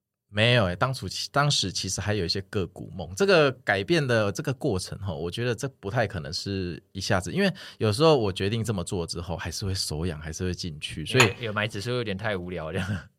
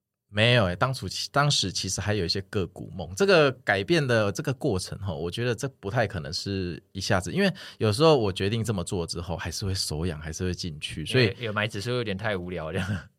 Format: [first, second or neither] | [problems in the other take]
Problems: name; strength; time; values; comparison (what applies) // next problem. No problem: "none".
second | clattering dishes; loud; at 11 s; peak 3 dB above the speech